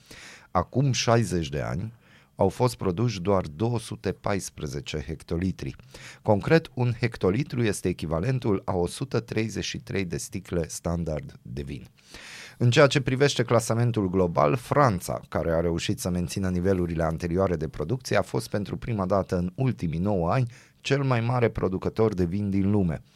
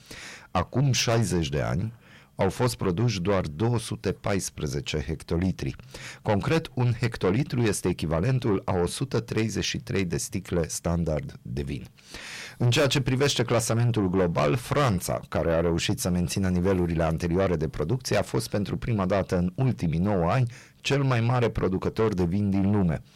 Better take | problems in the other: first | distortion; heavy; 8 dB below the speech

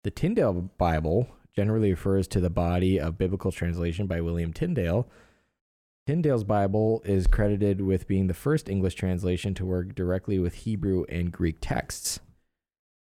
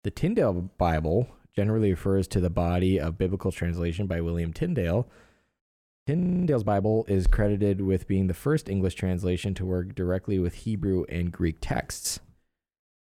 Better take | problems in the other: first | audio freezing; at 6 s

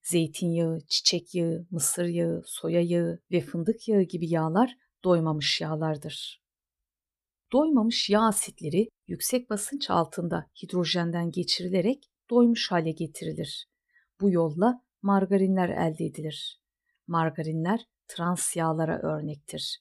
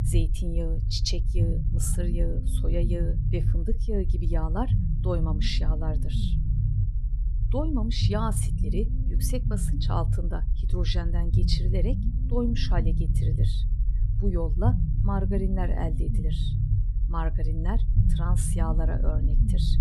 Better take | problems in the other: first | low rumble; loud; throughout; 7 dB below the speech

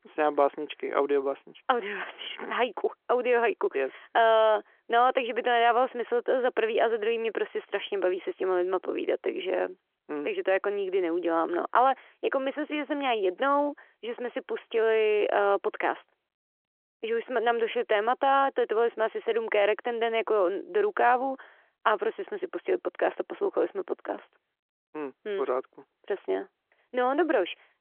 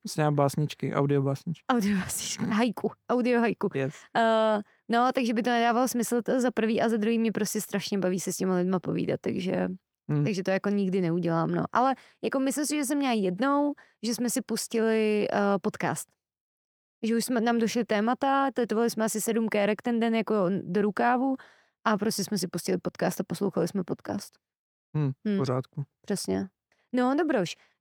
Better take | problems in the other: second | phone-call audio

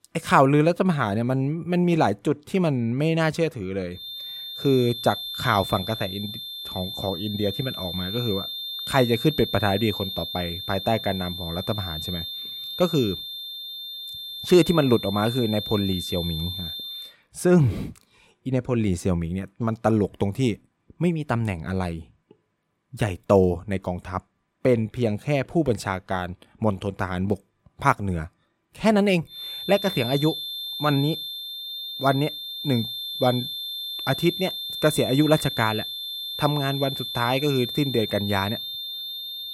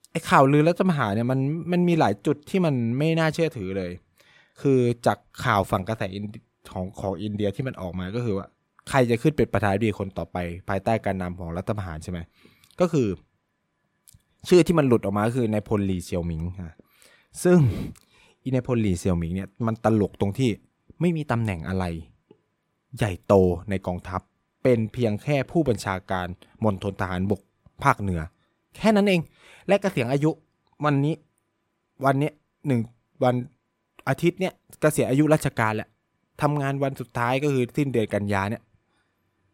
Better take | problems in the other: second | high-pitched whine; loud; from 4 to 17 s and from 29 s on; 3.5 kHz, 6 dB below the speech

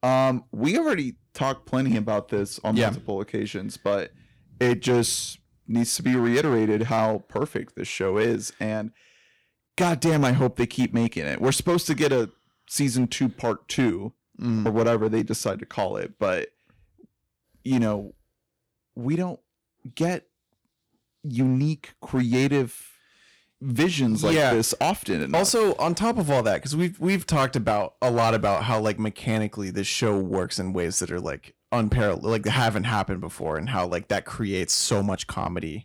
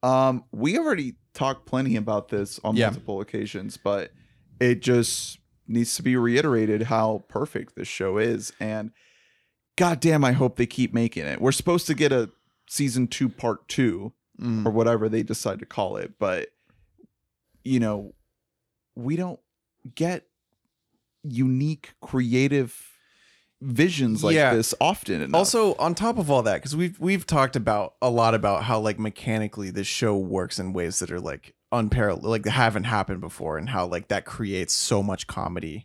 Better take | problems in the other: second | distortion; slight; 5% of the sound clipped

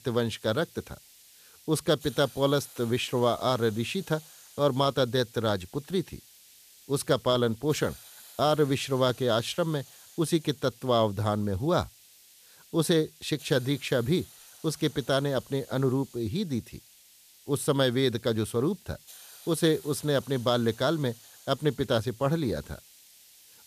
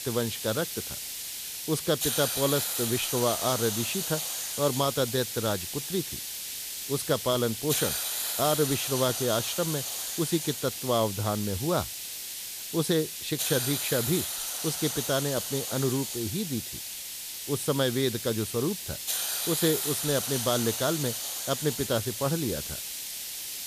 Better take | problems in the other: first | hiss; loud; throughout; 2 dB below the speech; faint in the first

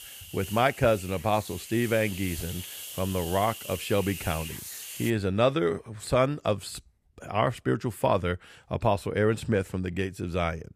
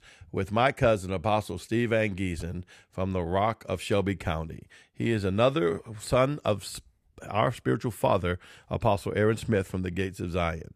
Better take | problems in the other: second | hiss; noticeable; until 5 s; 10 dB below the speech

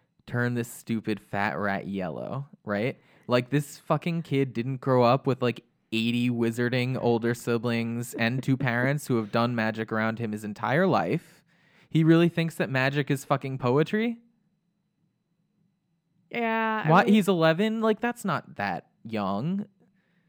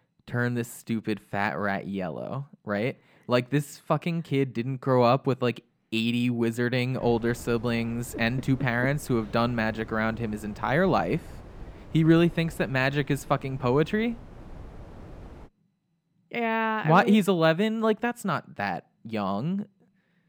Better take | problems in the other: first | wind noise on the microphone; occasional gusts; from 7 to 15 s; 25 dB below the speech

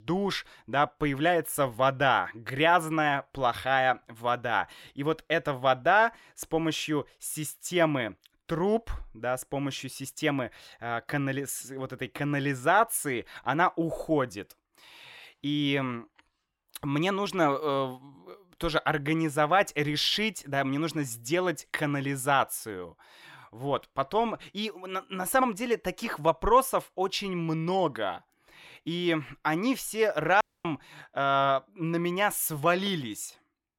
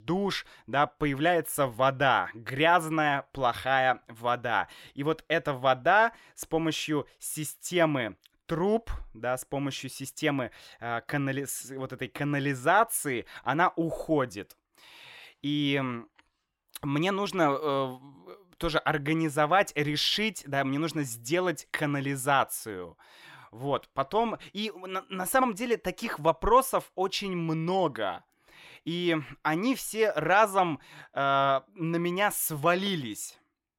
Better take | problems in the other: second | audio cutting out; at 30 s

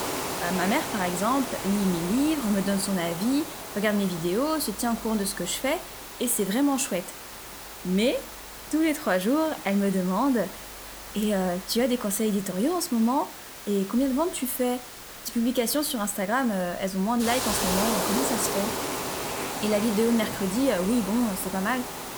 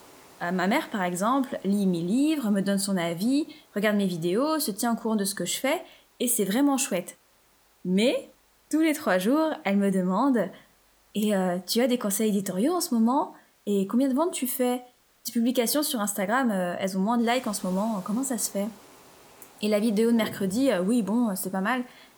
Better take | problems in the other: second | hiss; loud; throughout; 7 dB below the speech; faint in the second

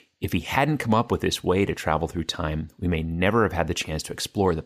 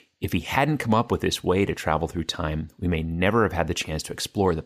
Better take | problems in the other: neither | none

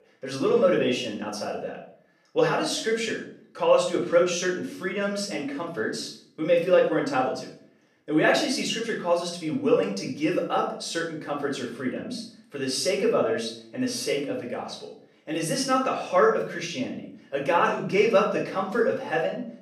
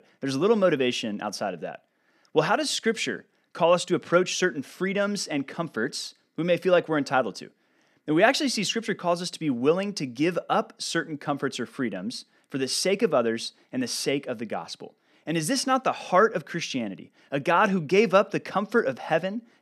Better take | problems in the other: second | off-mic speech; far // room echo; noticeable; dies away in 0.5 s

